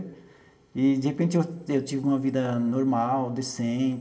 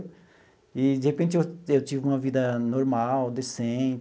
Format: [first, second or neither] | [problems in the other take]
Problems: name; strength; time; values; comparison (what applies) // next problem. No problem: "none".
second | room echo; dies away in 1.3 s